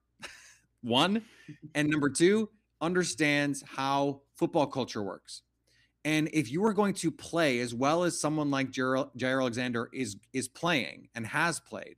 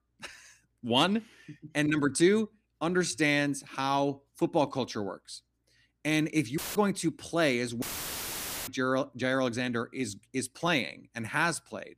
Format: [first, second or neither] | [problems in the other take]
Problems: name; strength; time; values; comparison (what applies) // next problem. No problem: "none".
first | audio cutting out; filled with static; at 6.5 s and at 8 s for 1 s